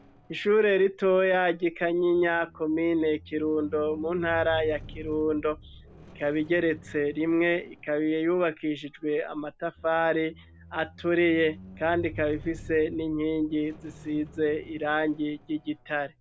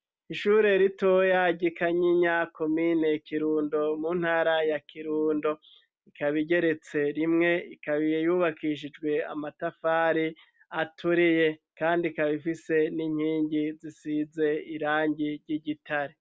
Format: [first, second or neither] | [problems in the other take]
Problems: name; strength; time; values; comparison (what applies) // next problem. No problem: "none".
second | background sound (Squeak); 19 dB below the speech